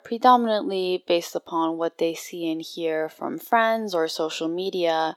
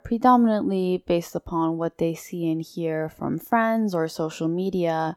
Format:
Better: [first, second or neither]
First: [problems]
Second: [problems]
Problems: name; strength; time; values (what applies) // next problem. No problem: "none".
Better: second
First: thin; somewhat; fading below 400 Hz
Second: none